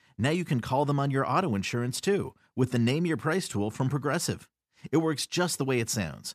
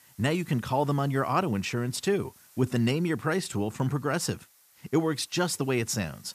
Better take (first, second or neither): first